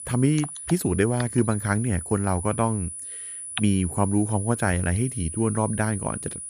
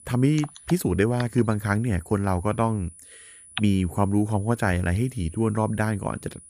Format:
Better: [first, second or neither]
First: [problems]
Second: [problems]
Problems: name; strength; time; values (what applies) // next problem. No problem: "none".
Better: second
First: high-pitched whine; loud; throughout; 10 kHz, 8 dB below the speech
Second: high-pitched whine; faint; throughout; 10 kHz, 20 dB below the speech